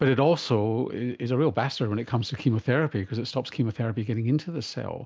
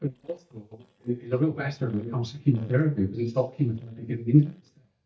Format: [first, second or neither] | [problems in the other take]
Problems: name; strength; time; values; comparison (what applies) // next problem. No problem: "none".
first | noise reduction (neural mask model DeepFilterNet 3)